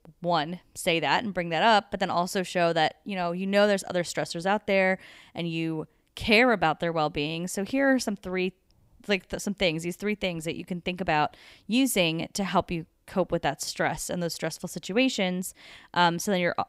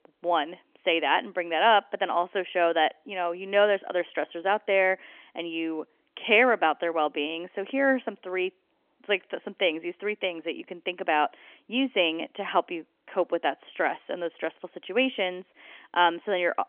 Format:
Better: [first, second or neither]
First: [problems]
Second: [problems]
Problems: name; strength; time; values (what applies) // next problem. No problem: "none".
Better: first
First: none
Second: phone-call audio; nothing above 3.5 kHz